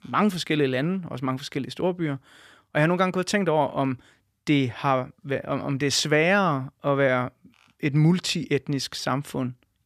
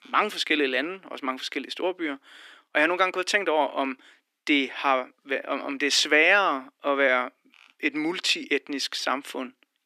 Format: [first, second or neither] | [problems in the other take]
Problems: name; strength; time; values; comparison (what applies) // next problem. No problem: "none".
first | thin; somewhat; fading below 300 Hz